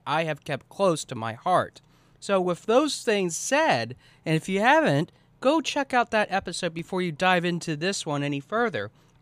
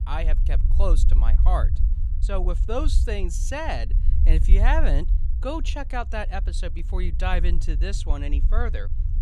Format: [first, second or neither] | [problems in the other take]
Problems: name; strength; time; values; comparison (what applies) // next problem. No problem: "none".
first | low rumble; noticeable; throughout; 15 dB below the speech